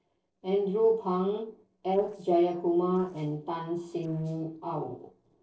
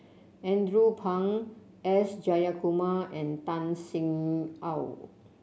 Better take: second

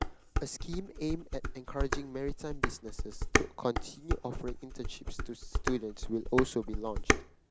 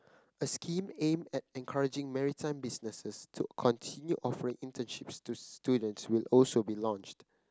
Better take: second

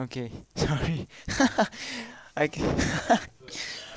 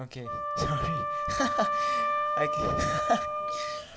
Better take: first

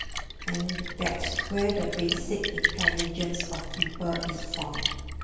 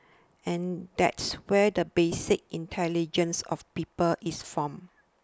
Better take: second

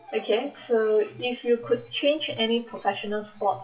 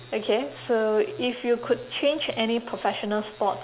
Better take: second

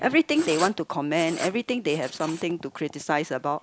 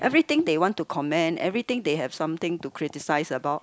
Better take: second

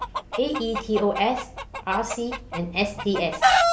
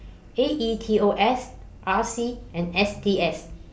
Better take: second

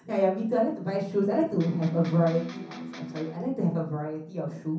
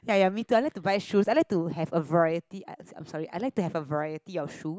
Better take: second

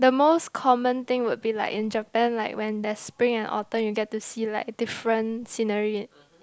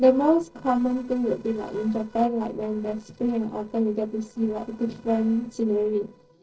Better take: first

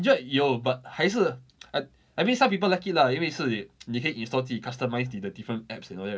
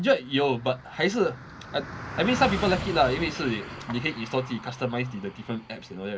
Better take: first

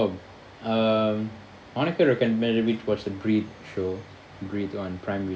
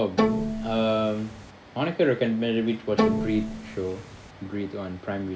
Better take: first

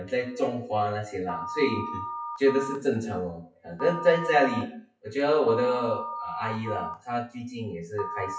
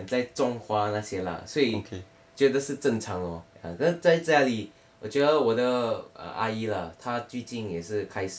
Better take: second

